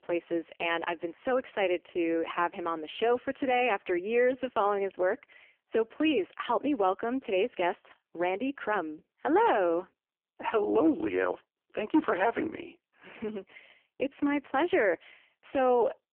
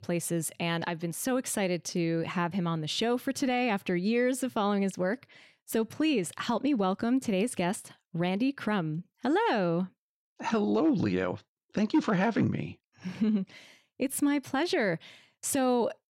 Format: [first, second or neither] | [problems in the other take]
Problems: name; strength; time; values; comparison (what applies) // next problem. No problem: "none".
second | phone-call audio; poor line; nothing above 3 kHz